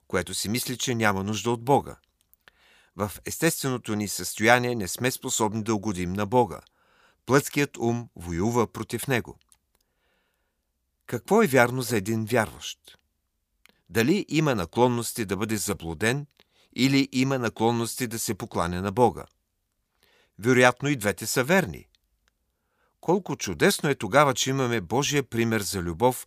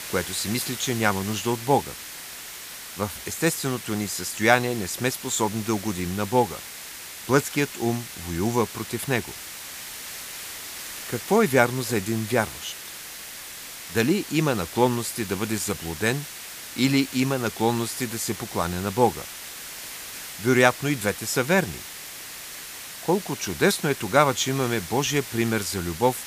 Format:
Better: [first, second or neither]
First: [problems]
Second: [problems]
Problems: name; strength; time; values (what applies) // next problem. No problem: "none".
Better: first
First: none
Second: hiss; noticeable; throughout; 10 dB below the speech